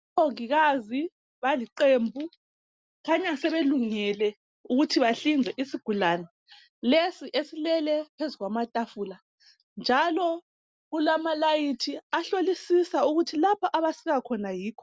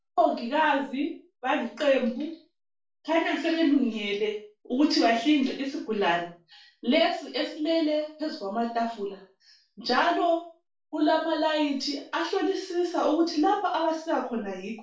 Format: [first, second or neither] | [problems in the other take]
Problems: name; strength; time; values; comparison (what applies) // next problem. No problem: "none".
first | room echo; dies away in 0.3 s